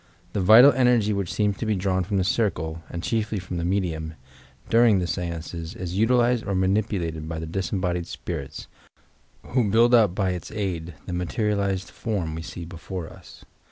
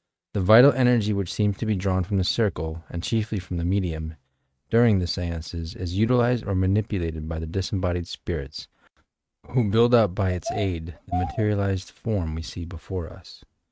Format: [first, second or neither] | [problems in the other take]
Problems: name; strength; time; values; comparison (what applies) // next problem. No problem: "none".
first | noise reduction (neural mask model RNNoise)